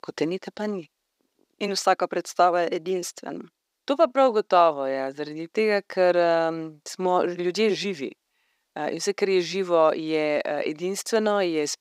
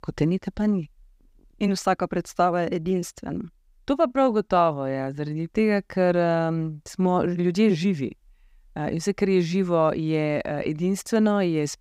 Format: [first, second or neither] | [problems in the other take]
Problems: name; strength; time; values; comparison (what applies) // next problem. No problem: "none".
second | thin; somewhat; fading below 450 Hz